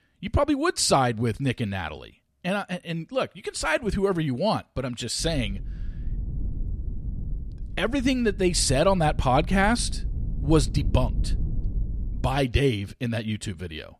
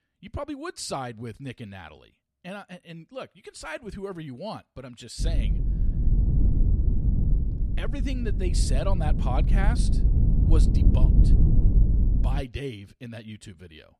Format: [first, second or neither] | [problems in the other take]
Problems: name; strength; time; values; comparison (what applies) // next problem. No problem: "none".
first | low rumble; loud; from 5 to 12 s; 3 dB below the speech; faint in the first